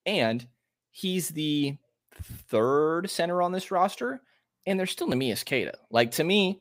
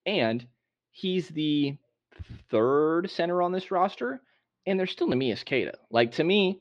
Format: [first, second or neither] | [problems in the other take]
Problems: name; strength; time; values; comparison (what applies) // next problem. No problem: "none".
first | muffled; very slightly; fading above 4.5 kHz